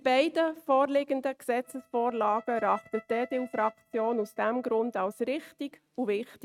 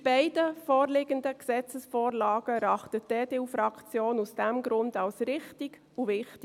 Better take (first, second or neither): second